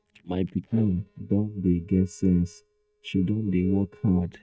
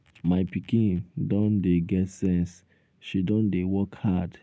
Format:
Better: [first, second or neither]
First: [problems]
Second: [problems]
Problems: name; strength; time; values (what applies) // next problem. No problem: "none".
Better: second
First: noise reduction (neural mask model DeepFilterNet 3)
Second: none